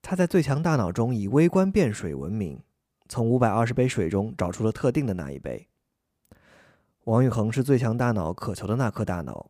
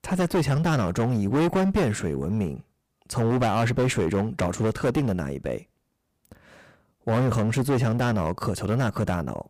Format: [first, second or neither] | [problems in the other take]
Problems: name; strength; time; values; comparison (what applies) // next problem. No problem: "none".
first | distortion; heavy; 15% of the sound clipped